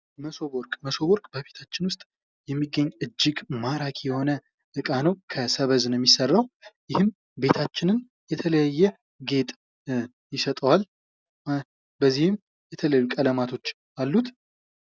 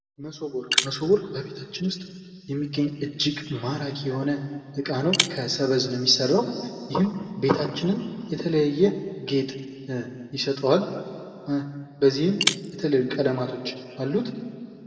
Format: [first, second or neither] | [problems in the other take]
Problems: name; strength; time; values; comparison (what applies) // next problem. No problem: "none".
first | background sound (Shatter); 6 dB below the speech // room echo; dies away in 2.1 s